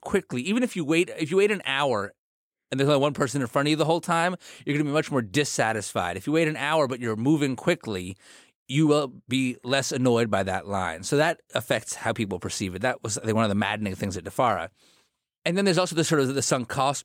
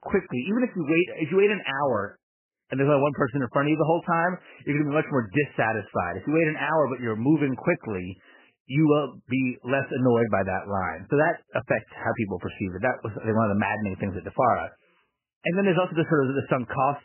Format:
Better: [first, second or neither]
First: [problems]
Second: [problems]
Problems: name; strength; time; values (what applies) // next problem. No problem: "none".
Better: first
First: none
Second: garbled, watery; badly; nothing above 3 kHz